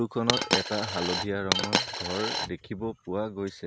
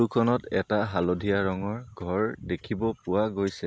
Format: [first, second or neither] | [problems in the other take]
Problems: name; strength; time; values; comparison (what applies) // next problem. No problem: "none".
second | background sound (Coin (dropping)); 3 dB above the speech